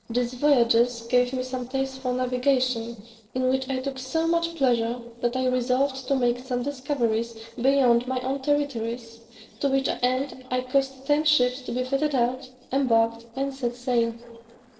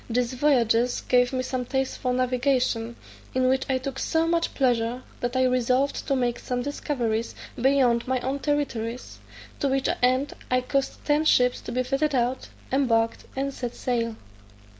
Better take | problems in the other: second | noise reduction (neural separator model SepFormer DNS4)

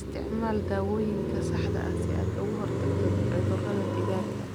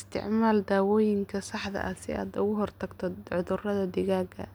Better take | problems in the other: second | background sound (Car passing by); 5 dB above the speech

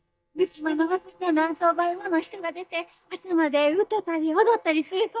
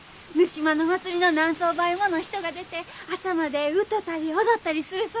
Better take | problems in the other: second | noise reduction (neural mask model DeepFilterNet 3)

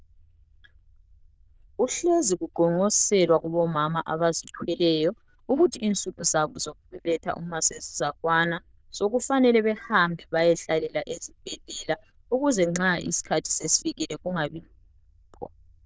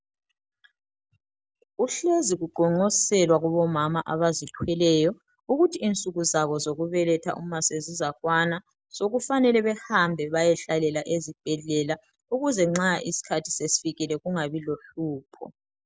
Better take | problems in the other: second | noise reduction (neural diffusion model UNIVERSE++)

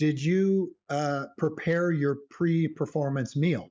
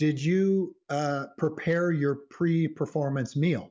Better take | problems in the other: second | noise reduction (neural mask model Resemble Enhance denoiser)

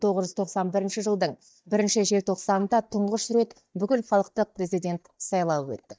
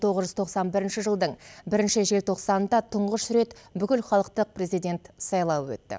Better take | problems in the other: second | noise reduction (neural mask model DeepFilterNet 3)

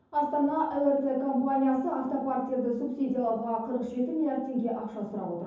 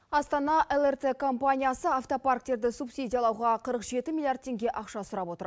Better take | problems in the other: second | room echo; dies away in 0.9 s

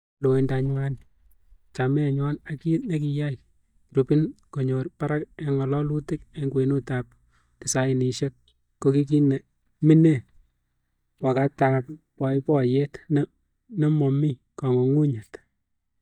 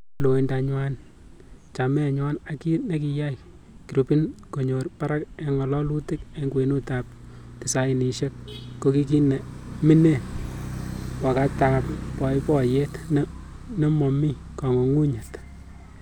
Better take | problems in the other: second | noise reduction (neural mask model DeepFilterNet 3)

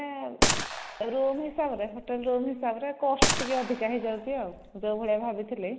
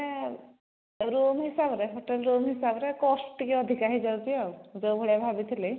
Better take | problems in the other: second | background sound (Gunshot, gunfire); 2 dB below the speech

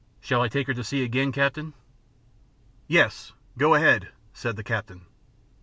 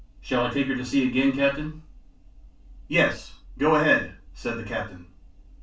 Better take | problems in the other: first | room echo; dies away in 0.3 s

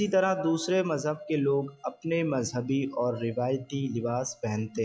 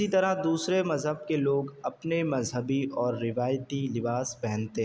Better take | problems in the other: second | noise reduction (classical method log-MMSE)

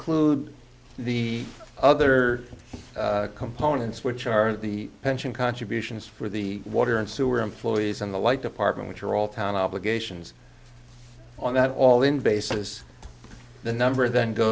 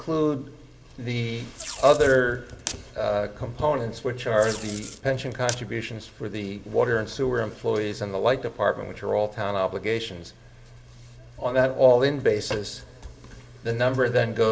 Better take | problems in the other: first | background sound (Packing tape, duct tape); 14 dB below the speech // room echo; dies away in 2.1 s

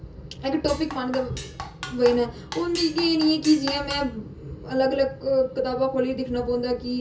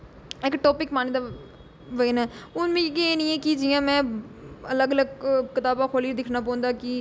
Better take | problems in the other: second | background sound (Drum kit); 14 dB below the speech // room echo; dies away in 0.2 s

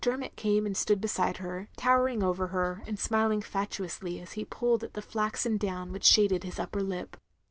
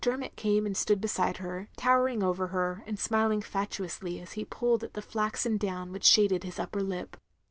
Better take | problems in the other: second | background sound (Tap); 19 dB below the speech

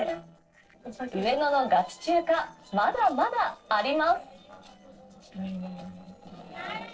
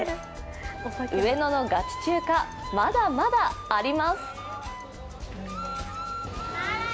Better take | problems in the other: second | noise reduction (neural separator model SepFormer DNS4)

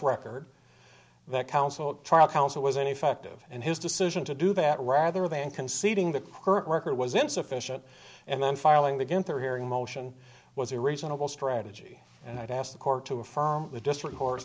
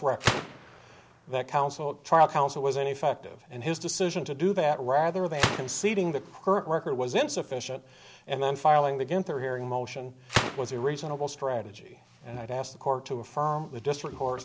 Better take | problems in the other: first | background sound (Gunshot, gunfire); 9 dB below the speech

